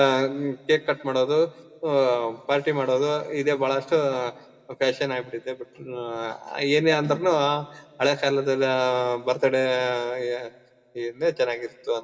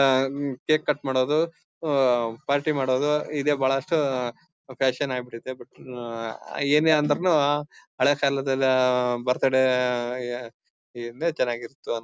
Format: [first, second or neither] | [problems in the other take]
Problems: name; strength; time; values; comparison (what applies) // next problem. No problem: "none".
second | room echo; dies away in 1.2 s